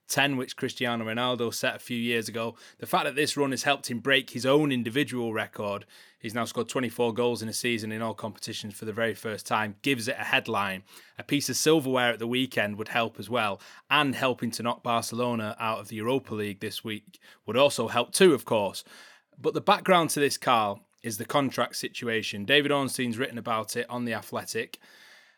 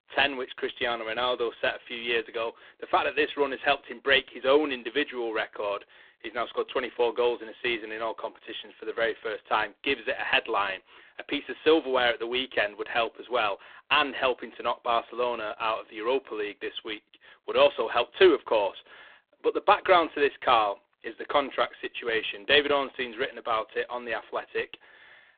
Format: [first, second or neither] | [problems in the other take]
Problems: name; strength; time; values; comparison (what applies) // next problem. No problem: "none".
first | phone-call audio; poor line; nothing above 3.5 kHz